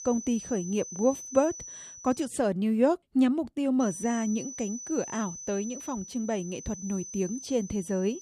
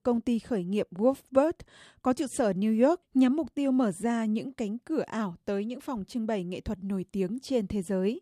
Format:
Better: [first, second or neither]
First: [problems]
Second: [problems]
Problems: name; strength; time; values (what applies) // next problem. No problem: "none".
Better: second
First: high-pitched whine; noticeable; until 2.5 s and from 4 s on; 6 kHz, 10 dB below the speech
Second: none